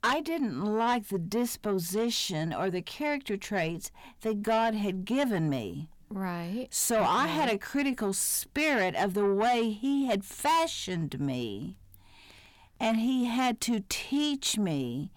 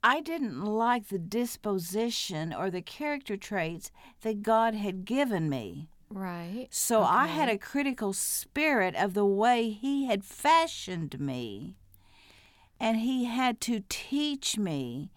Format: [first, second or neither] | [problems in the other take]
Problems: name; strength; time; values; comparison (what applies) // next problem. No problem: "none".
second | distortion; slight; 10 dB below the speech